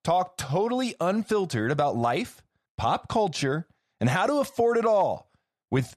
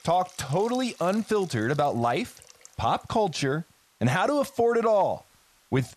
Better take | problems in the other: first | hiss; faint; throughout; 25 dB below the speech

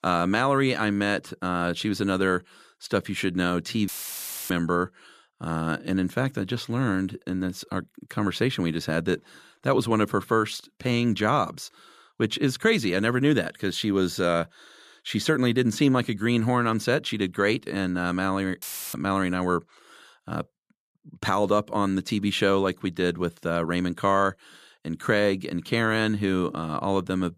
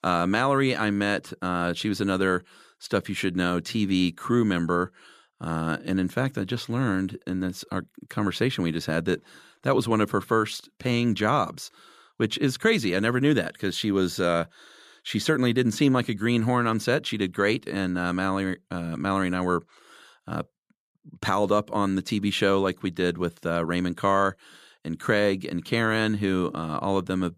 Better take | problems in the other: second | audio cutting out; filled with static; at 4 s for 0.5 s and at 19 s

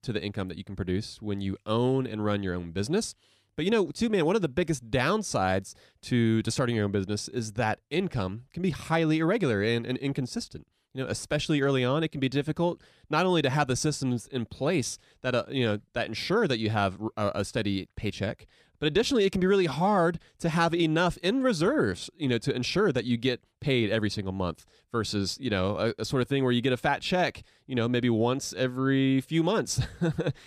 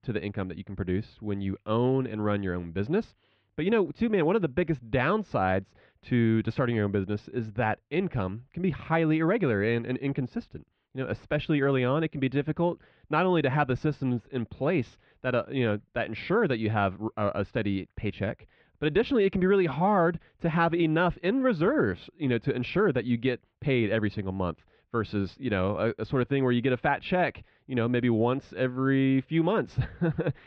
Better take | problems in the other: first | muffled; very; fading above 3 kHz

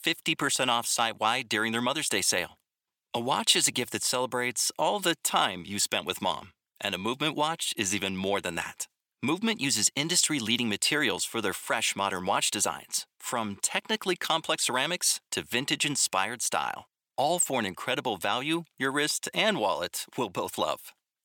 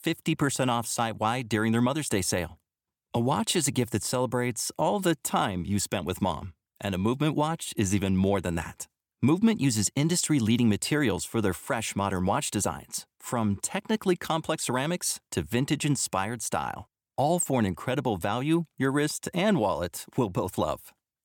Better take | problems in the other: second | thin; somewhat; fading below 650 Hz

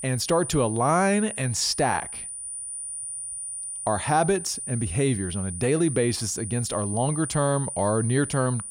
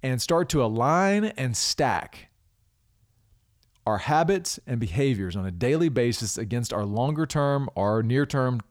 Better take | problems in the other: second | high-pitched whine; loud; throughout; 9.5 kHz, 7 dB below the speech

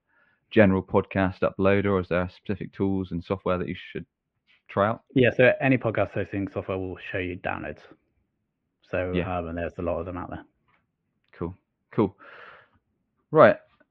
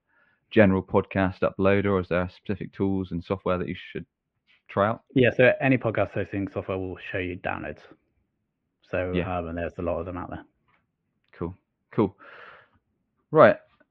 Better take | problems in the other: neither | muffled; very; fading above 2.5 kHz; the same in both

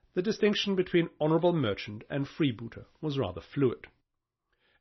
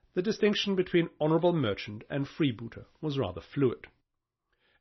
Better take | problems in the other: neither | garbled, watery; slightly; nothing above 6 kHz; the same in both

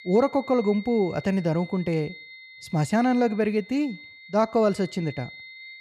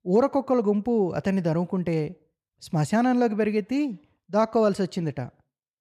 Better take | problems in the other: second | high-pitched whine; noticeable; throughout; 2 kHz, 20 dB below the speech

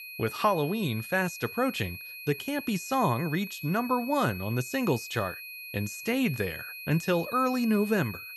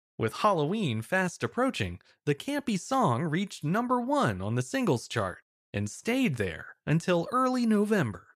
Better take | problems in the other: second | high-pitched whine; noticeable; throughout; 2.5 kHz, 10 dB below the speech

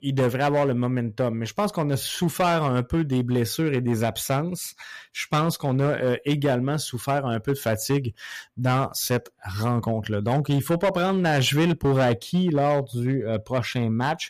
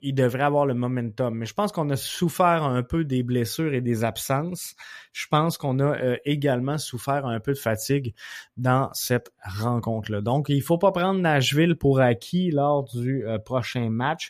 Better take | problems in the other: second | distortion; slight; 8% of the sound clipped

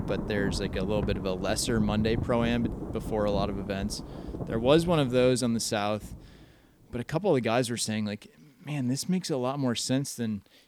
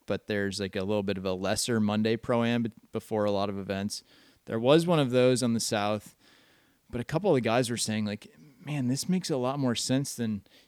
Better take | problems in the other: second | rain or running water; loud; throughout; 8 dB below the speech

